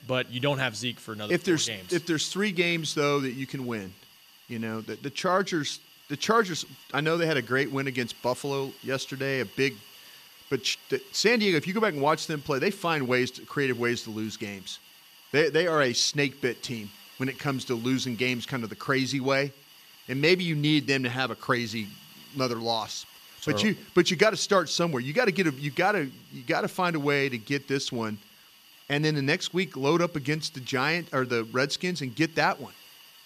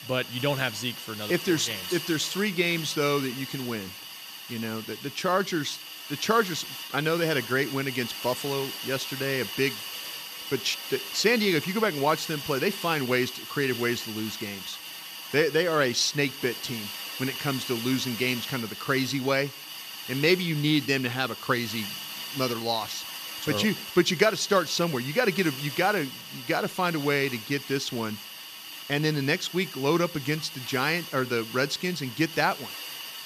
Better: first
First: hiss; faint; throughout; 20 dB below the speech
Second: hiss; loud; throughout; 9 dB below the speech

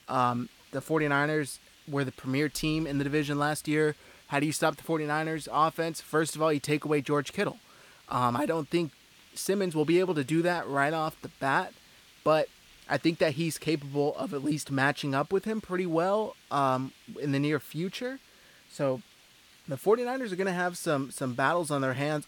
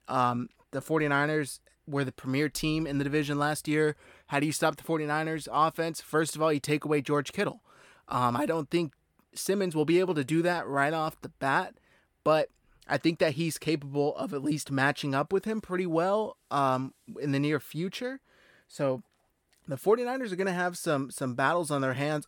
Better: second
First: hiss; faint; throughout; 25 dB below the speech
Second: none

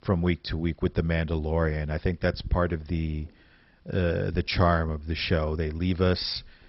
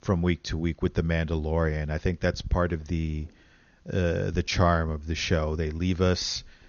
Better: second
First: garbled, watery; badly; nothing above 5.5 kHz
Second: garbled, watery; slightly; nothing above 6.5 kHz

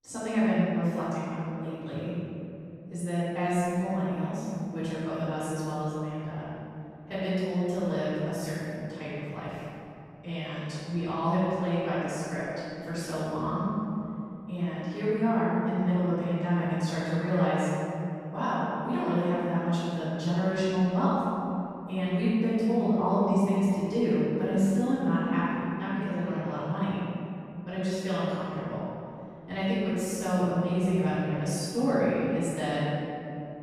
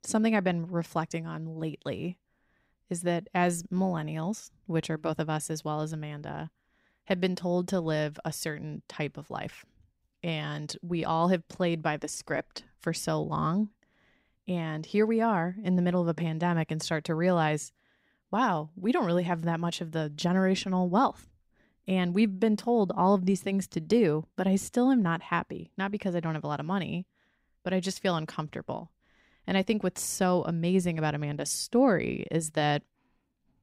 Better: second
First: off-mic speech; far // room echo; strong; dies away in 2.8 s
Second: none

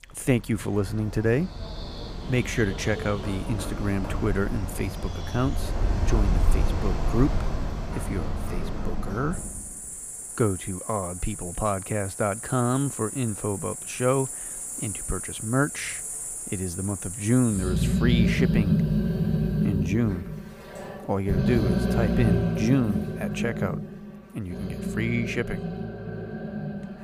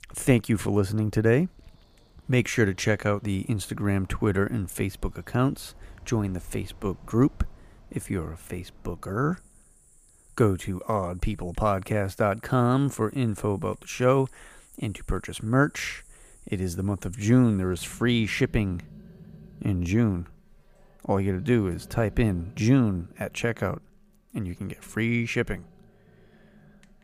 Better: second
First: animal sounds; loud; throughout; 1 dB below the speech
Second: animal sounds; faint; throughout; 25 dB below the speech

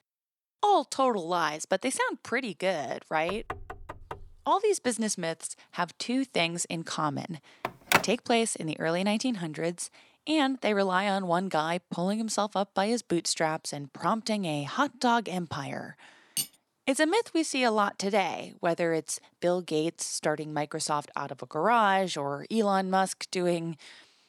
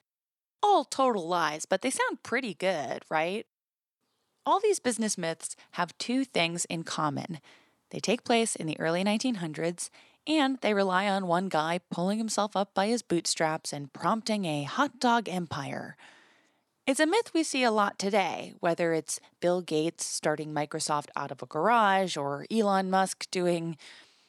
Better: second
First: door banging; faint; from 3.5 to 4.5 s; peak 10 dB below the speech // phone ringing; loud; at 7.5 s; peak 3 dB above the speech // clattering dishes; noticeable; at 16 s; peak 4 dB below the speech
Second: none

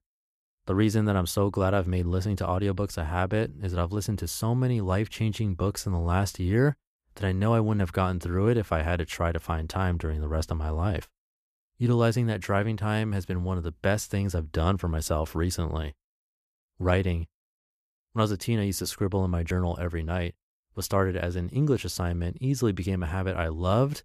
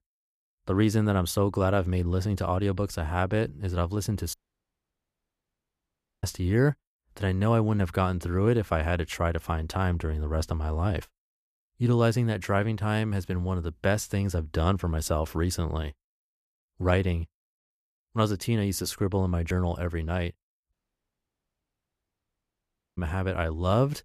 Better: first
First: none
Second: audio cutting out; at 4.5 s for 2 s and at 21 s for 2.5 s

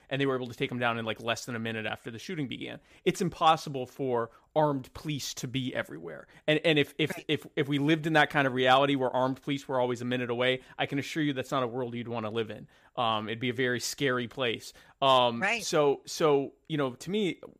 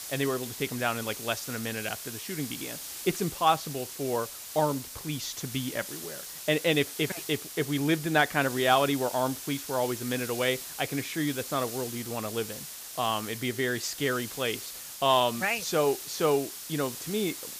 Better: first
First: none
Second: hiss; loud; throughout; 8 dB below the speech

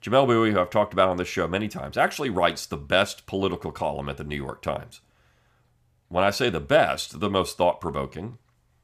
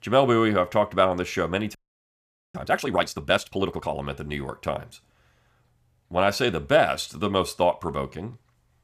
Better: first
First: none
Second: audio freezing; at 2 s for 1 s

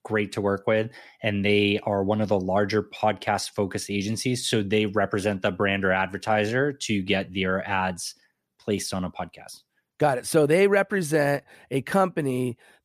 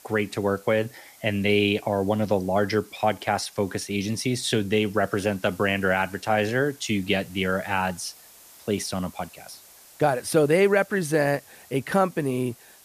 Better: first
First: none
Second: hiss; faint; throughout; 25 dB below the speech

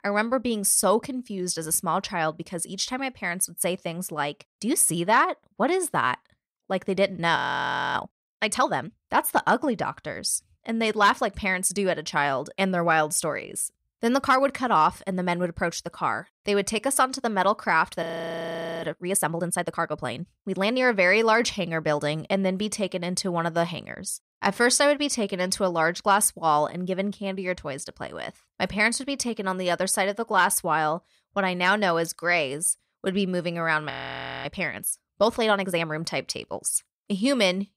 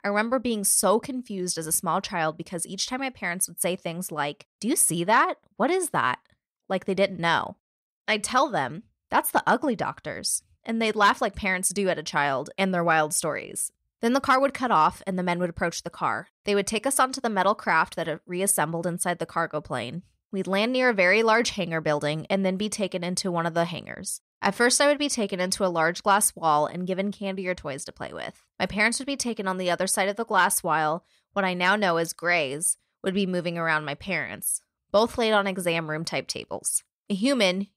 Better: second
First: audio freezing; at 7.5 s for 0.5 s, at 18 s for 1 s and at 34 s for 0.5 s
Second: none

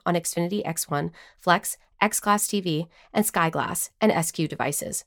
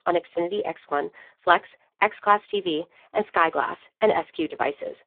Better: first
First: none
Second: phone-call audio; poor line

